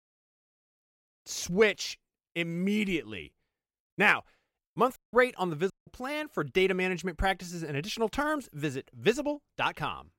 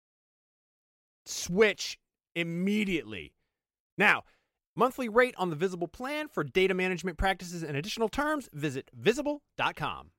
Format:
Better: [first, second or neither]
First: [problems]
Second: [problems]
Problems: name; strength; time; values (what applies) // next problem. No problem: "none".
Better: second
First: audio cutting out; at 5 s and at 5.5 s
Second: none